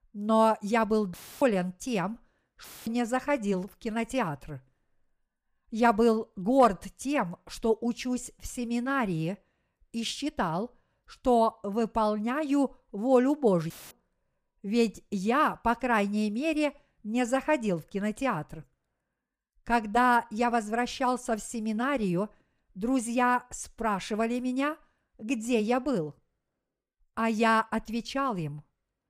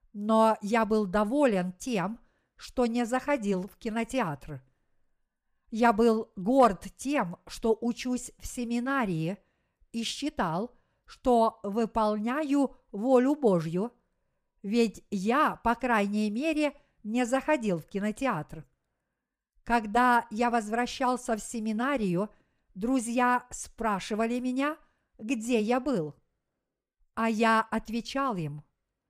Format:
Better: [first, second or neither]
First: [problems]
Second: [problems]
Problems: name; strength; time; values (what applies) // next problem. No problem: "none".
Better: second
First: audio cutting out; filled with static; at 1 s, at 2.5 s and at 14 s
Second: none